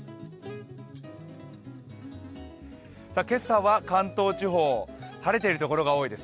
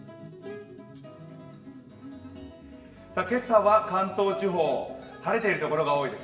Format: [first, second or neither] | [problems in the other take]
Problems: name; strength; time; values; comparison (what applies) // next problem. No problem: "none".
first | room echo; dies away in 1 s